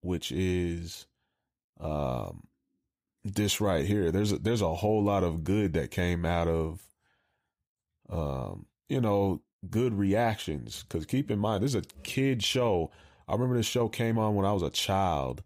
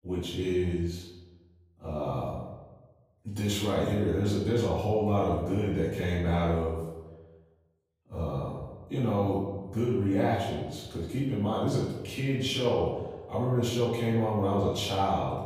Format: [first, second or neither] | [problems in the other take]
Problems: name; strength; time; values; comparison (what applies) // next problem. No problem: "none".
first | room echo; noticeable; dies away in 1 s // off-mic speech; far